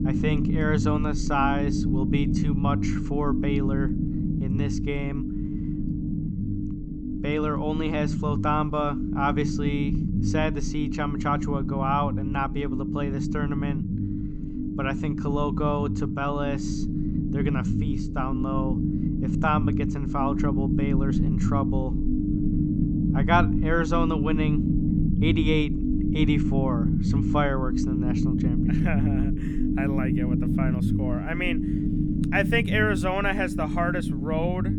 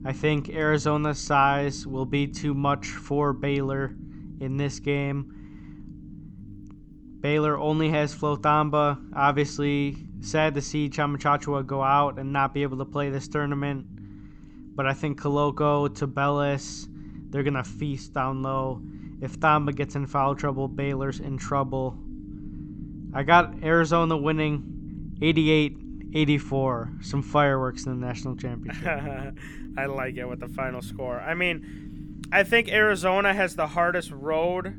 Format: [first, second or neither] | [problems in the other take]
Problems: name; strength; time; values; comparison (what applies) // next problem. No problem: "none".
second | low rumble; loud; throughout; 5 dB below the speech; faint in the second